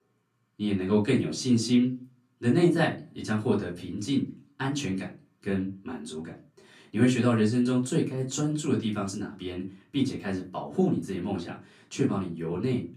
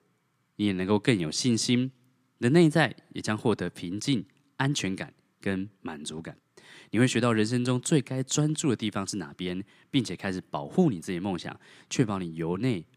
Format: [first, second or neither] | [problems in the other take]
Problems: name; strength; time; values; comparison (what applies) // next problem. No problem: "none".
second | off-mic speech; far // room echo; very slight; dies away in 0.3 s